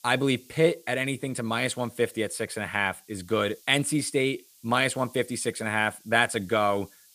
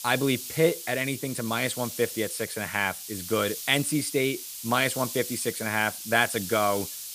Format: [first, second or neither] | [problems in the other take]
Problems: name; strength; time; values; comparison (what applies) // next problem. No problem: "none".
first | hiss; loud; throughout; 8 dB below the speech; faint in the first